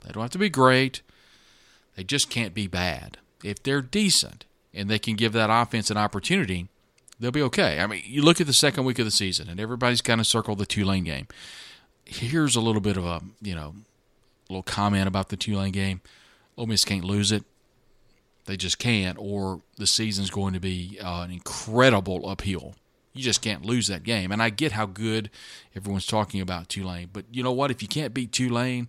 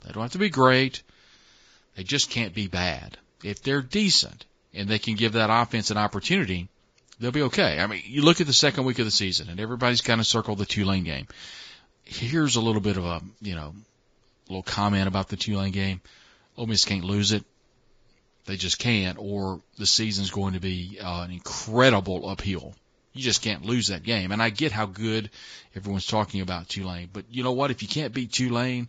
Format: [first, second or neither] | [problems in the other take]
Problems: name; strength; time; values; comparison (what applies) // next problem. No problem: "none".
first | garbled, watery; badly; nothing above 7.5 kHz